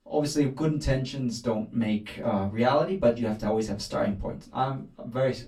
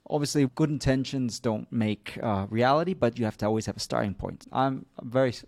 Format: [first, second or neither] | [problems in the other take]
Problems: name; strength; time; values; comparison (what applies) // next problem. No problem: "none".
second | off-mic speech; far // room echo; very slight; dies away in 0.2 s